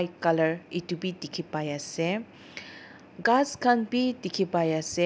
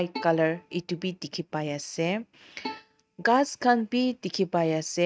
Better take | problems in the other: first | noise reduction (neural mask model RNNoise)

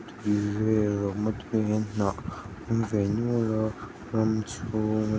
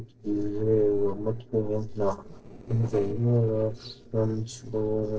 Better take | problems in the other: first | noise reduction (neural separator model SepFormer DNS4)

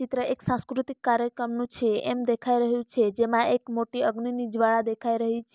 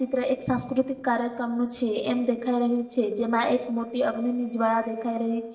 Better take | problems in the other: first | noise reduction (neural separator model SepFormer DNS4)

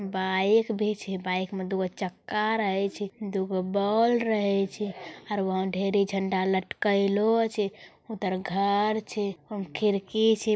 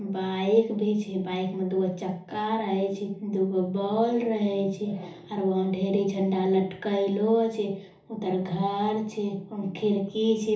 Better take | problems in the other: first | room echo; dies away in 0.7 s

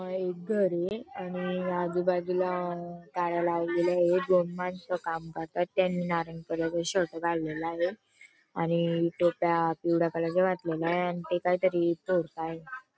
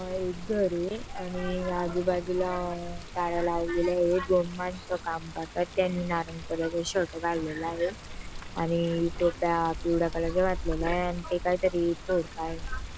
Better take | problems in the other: first | background sound (Water); 9 dB below the speech

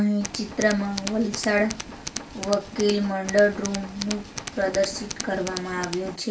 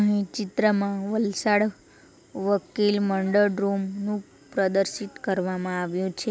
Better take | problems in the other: second | background sound (Tools); 10 dB below the speech // room echo; dies away in 0.3 s

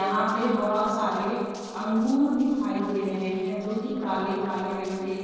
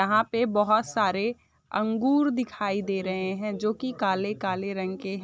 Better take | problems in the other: second | noise reduction (neural separator model SepFormer DNS4)

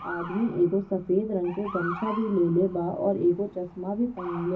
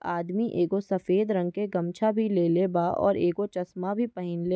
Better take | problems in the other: second | background sound (Motor vehicle (road) / Siren); 13 dB below the speech // room echo; dies away in 0.4 s

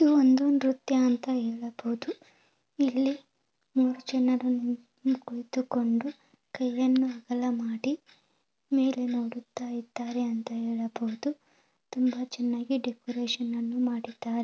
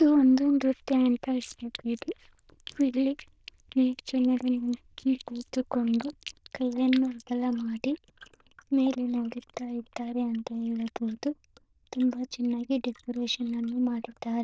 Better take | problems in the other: first | noise reduction (neural diffusion model UNIVERSE++)

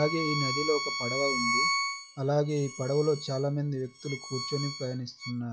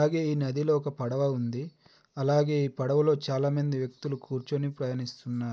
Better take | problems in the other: second | noise reduction (classical method log-MMSE)

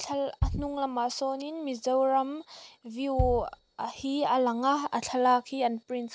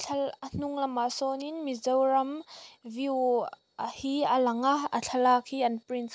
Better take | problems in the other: second | background sound (Bass drum); 8 dB below the speech

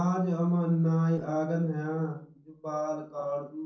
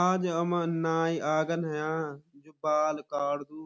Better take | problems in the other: second | noise reduction (neural separator model SepFormer DNS4)

